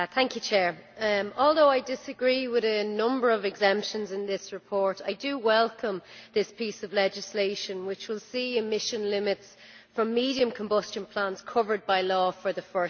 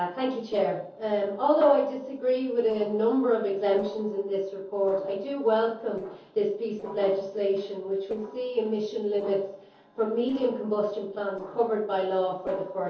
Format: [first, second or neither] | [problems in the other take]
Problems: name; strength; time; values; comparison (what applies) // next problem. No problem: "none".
first | noise reduction (neural separator model SepFormer DNS4)